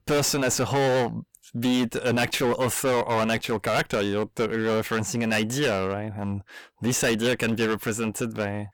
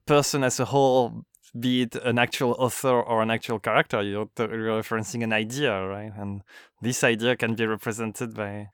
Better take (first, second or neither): second